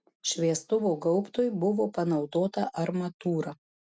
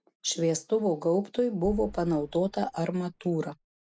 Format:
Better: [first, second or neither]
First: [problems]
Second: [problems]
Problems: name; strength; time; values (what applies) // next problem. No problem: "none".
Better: first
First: none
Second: background sound (Boom); 17 dB below the speech